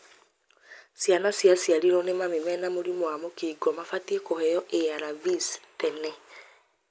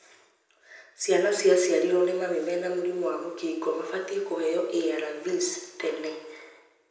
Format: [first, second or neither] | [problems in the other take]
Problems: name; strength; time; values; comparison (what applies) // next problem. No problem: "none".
first | room echo; dies away in 0.8 s